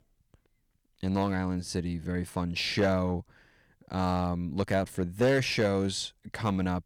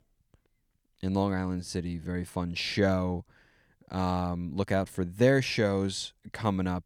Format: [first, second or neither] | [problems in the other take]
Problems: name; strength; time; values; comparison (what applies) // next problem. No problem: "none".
second | distortion; slight; 6% of the sound clipped